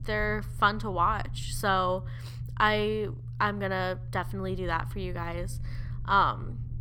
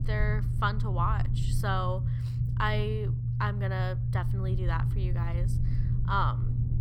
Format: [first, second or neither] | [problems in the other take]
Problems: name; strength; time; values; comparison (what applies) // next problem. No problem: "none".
first | low rumble; loud; throughout; 10 dB below the speech; faint in the first